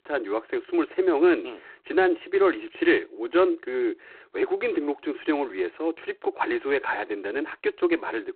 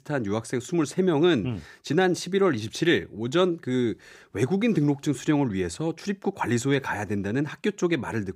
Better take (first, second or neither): second